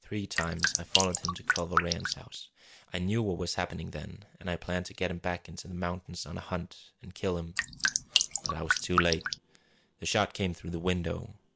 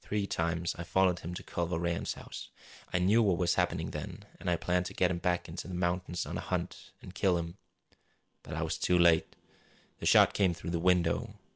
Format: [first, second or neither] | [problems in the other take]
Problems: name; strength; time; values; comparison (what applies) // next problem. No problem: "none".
second | background sound (Drip); 3 dB above the speech